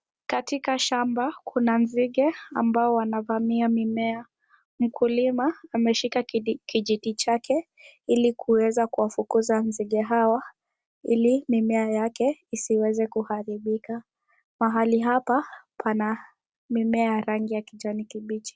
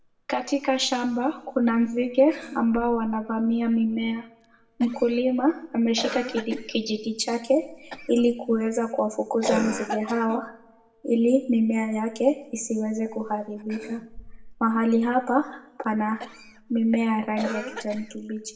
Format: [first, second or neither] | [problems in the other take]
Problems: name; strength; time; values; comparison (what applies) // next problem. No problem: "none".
first | background sound (Cough); 14 dB below the speech // room echo; dies away in 0.5 s